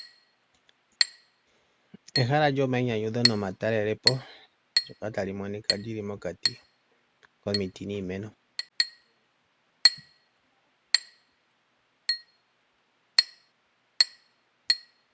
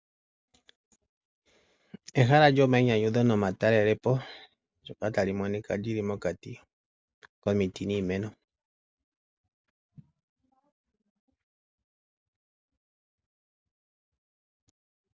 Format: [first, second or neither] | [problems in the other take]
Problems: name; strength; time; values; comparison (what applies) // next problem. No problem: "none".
second | background sound (Chink, clink); 1 dB above the speech